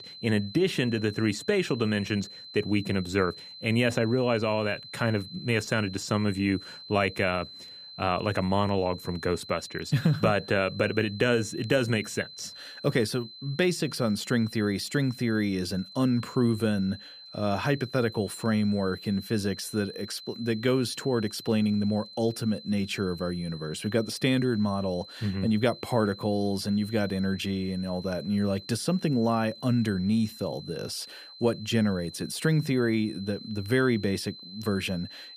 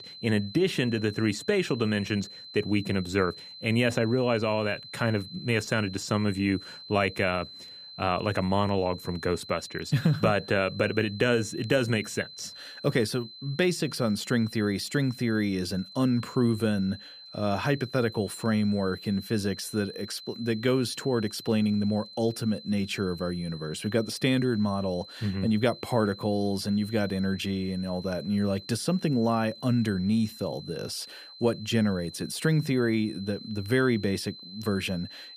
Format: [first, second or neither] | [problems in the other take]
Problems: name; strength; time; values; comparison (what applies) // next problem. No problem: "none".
neither | high-pitched whine; noticeable; throughout; 4 kHz, 15 dB below the speech; the same in both